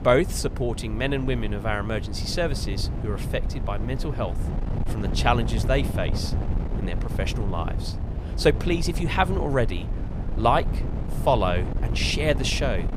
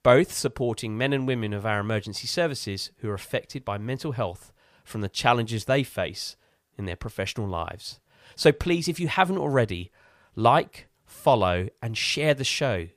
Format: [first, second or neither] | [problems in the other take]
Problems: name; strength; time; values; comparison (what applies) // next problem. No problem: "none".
second | wind noise on the microphone; occasional gusts; 15 dB below the speech